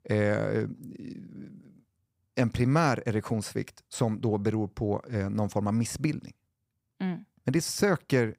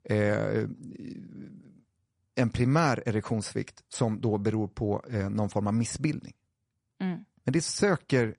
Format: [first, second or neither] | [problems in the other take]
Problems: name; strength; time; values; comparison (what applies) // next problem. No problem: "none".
first | garbled, watery; slightly; nothing above 10.5 kHz